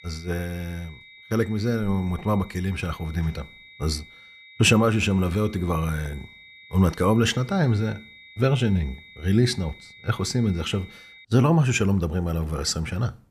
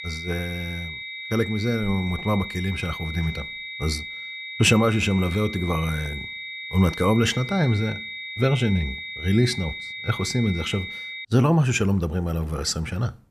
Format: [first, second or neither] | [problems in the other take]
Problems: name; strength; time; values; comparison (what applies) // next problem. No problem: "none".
first | high-pitched whine; loud; until 11 s; 2 kHz, 8 dB below the speech; faint in the first